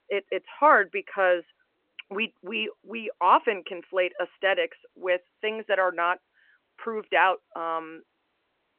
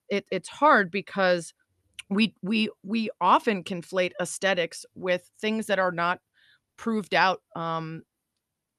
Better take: second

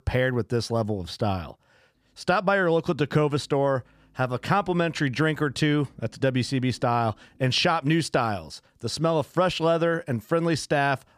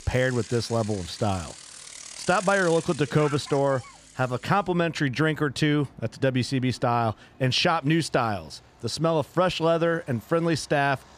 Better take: first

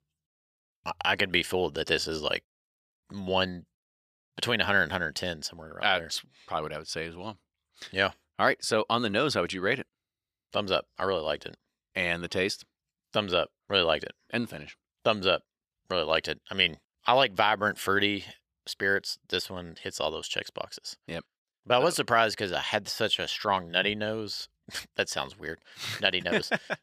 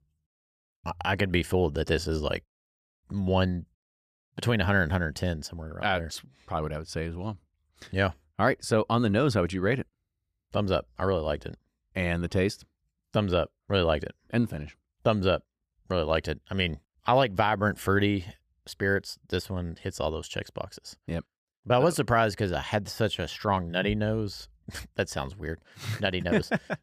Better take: second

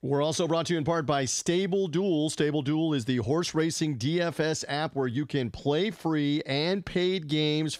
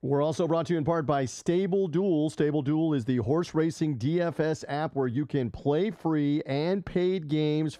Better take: first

